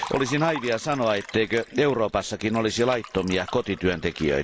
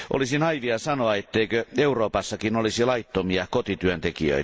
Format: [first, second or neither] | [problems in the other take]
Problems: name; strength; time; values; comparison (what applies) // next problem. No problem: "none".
second | background sound (Liquid); 15 dB below the speech